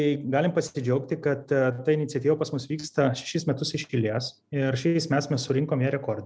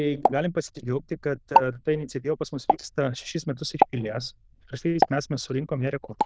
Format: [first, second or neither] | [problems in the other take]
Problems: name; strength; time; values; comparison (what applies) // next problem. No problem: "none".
first | noise reduction (neural diffusion model UNIVERSE++)